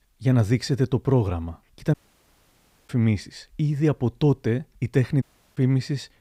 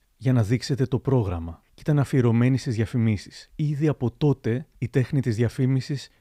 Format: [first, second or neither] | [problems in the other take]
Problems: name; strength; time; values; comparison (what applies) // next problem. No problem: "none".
second | audio cutting out; at 2 s for 1 s and at 5 s